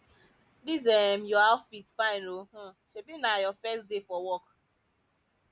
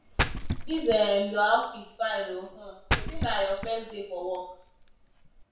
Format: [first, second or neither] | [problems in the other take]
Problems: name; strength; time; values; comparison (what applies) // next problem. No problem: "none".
first | background sound (Splash, splatter); 5 dB below the speech // room echo; dies away in 0.6 s